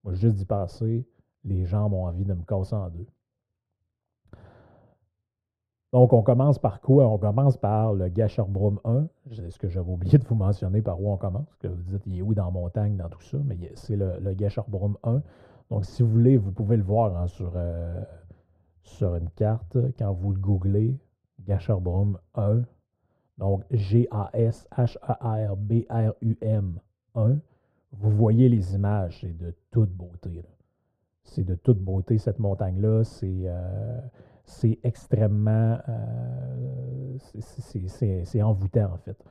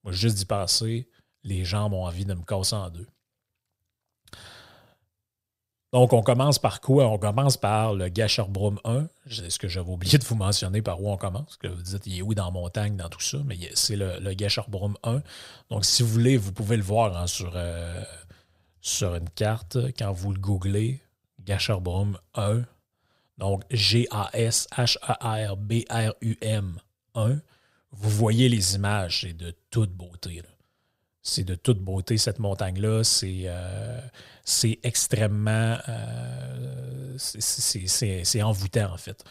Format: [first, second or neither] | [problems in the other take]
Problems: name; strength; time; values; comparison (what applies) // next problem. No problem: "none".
second | muffled; very; fading above 1.5 kHz